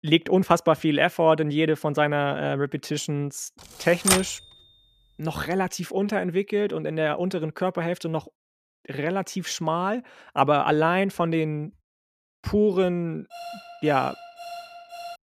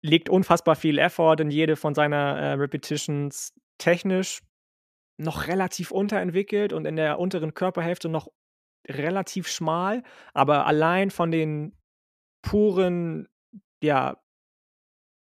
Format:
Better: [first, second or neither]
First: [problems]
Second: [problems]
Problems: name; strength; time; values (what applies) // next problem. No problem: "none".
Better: second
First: keyboard typing; loud; at 4 s; peak 3 dB above the speech // alarm; faint; from 13 s on; peak 15 dB below the speech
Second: none